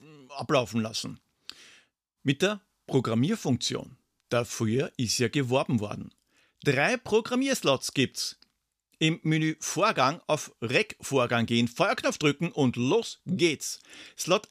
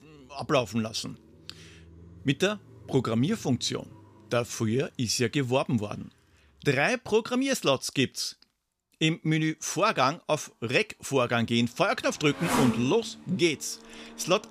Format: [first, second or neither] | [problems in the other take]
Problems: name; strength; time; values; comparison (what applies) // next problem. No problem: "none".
first | traffic noise; loud; throughout; 9 dB below the speech